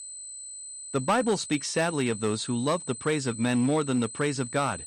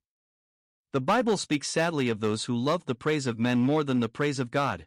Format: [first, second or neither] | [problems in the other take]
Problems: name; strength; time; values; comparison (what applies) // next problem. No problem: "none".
second | high-pitched whine; noticeable; throughout; 8 kHz, 10 dB below the speech